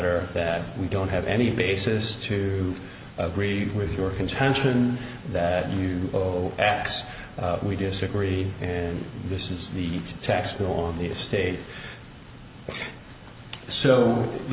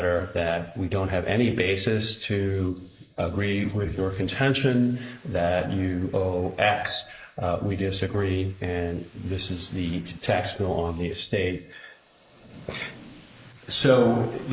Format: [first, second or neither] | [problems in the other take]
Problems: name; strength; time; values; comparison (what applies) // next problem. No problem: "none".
first | noise reduction (neural mask model Resemble Enhance denoiser)